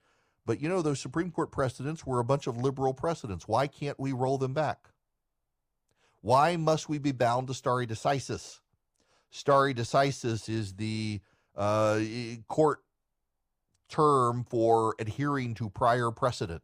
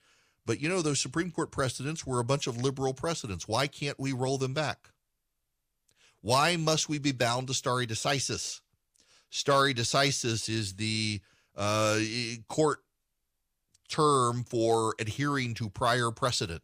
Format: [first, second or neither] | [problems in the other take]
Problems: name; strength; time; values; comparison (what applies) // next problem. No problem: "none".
second | muffled; slightly; fading above 1.5 kHz